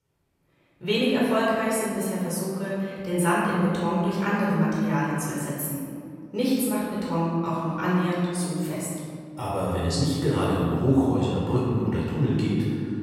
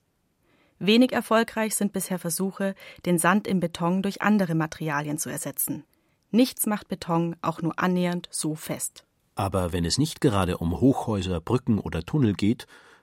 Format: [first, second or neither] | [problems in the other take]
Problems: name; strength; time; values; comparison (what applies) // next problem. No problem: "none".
second | off-mic speech; far // room echo; strong; dies away in 2.1 s